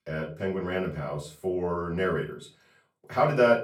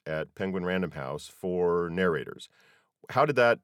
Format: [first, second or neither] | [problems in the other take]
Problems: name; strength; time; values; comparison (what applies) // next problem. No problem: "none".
second | room echo; slight; dies away in 0.3 s // off-mic speech; far